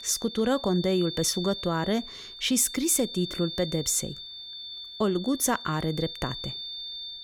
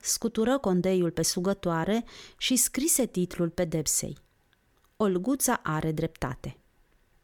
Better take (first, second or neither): second